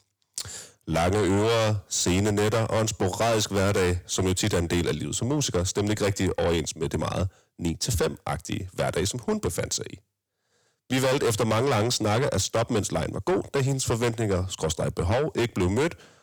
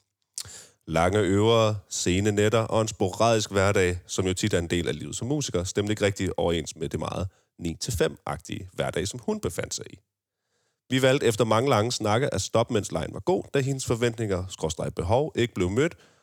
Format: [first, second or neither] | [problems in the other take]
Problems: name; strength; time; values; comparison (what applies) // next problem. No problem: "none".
second | distortion; heavy; 7 dB below the speech